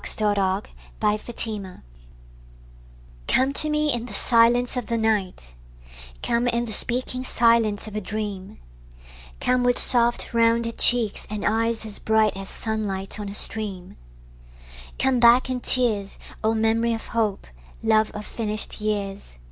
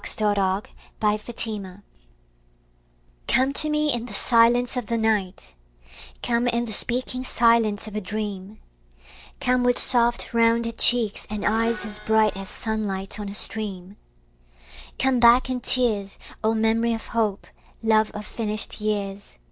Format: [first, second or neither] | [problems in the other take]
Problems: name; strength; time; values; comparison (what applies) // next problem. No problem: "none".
first | noise reduction (neural separator model SepFormer DNS4)